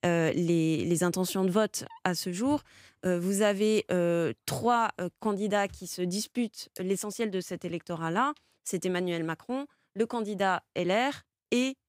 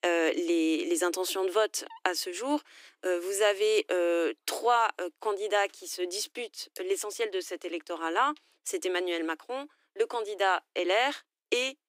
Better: first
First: none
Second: thin; very; fading below 300 Hz

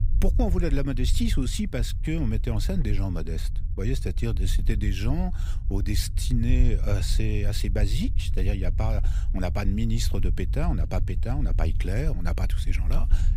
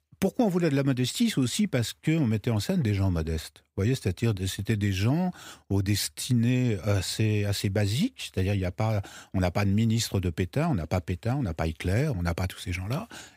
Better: second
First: low rumble; noticeable; throughout; 15 dB below the speech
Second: none

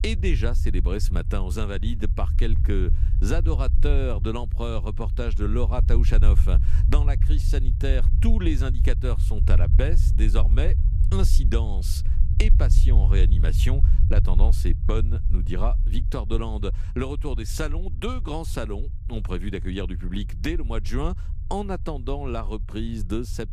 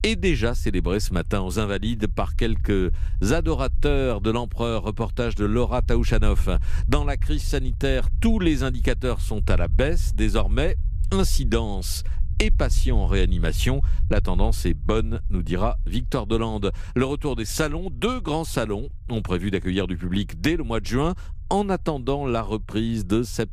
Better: second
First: low rumble; loud; throughout; 10 dB below the speech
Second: low rumble; faint; throughout; 20 dB below the speech

